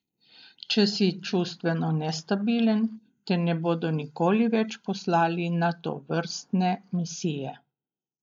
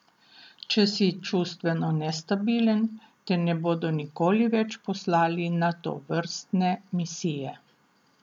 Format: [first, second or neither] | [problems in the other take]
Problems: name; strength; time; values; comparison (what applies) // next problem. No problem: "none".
second | noise reduction (neural mask model Resemble Enhance denoiser)